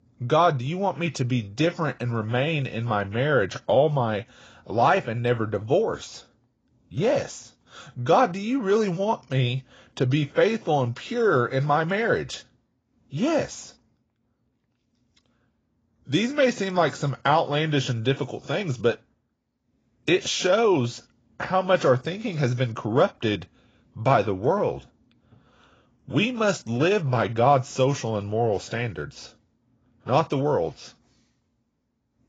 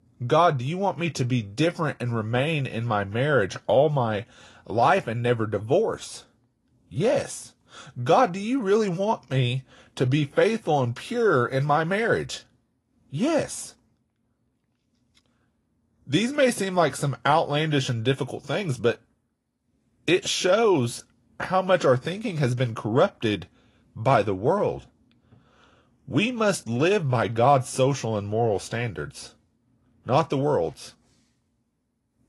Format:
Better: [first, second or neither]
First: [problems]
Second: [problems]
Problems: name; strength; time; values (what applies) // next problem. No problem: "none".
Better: second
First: garbled, watery; badly; nothing above 7.5 kHz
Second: garbled, watery; slightly; nothing above 11 kHz